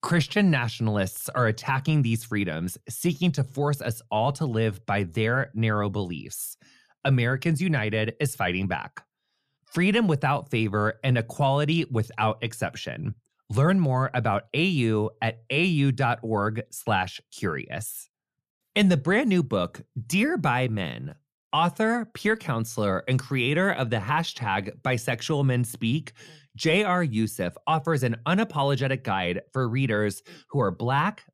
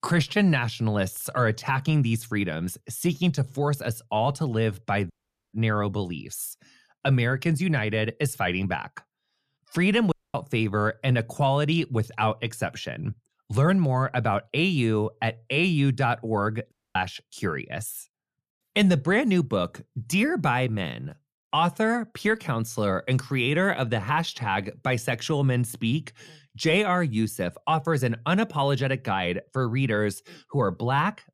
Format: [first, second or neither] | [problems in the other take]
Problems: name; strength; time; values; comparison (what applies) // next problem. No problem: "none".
first | audio cutting out; at 5 s, at 10 s and at 17 s